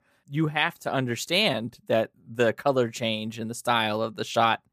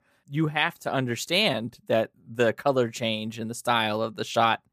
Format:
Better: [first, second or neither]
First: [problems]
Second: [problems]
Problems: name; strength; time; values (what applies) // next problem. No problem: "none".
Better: neither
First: none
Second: none